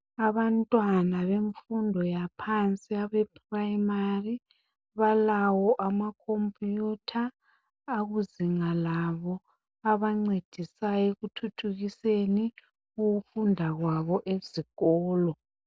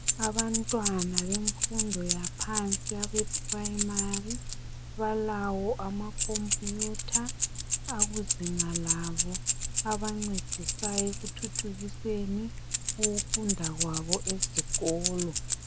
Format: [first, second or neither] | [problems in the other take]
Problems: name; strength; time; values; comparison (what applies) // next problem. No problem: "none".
first | background sound (Keys jangling); 3 dB above the speech